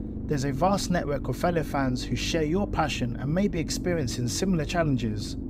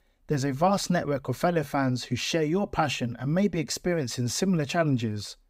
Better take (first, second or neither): second